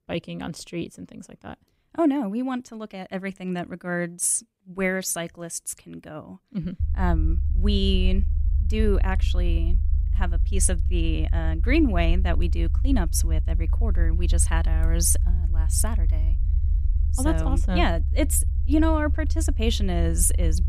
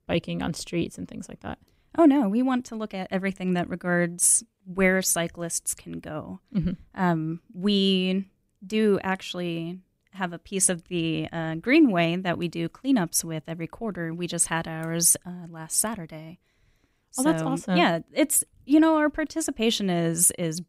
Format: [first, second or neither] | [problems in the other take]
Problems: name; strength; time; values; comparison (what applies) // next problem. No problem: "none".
second | low rumble; noticeable; from 7 s on; 15 dB below the speech